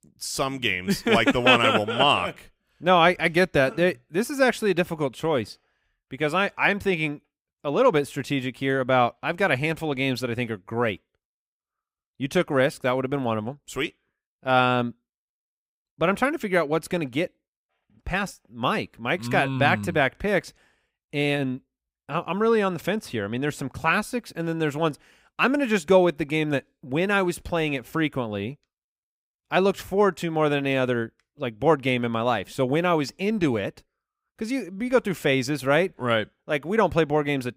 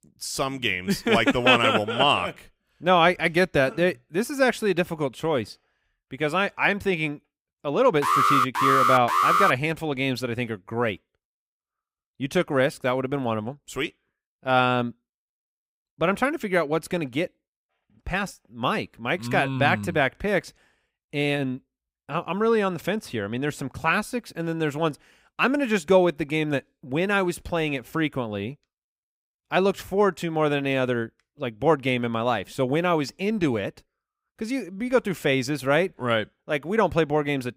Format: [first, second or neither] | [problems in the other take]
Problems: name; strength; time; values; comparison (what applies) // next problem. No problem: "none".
first | alarm; loud; from 8 to 9.5 s; peak 5 dB above the speech